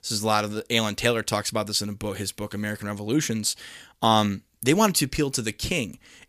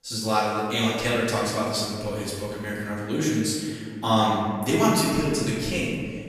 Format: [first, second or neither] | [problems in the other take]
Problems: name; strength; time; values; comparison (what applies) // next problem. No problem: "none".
first | off-mic speech; far // room echo; noticeable; dies away in 1.9 s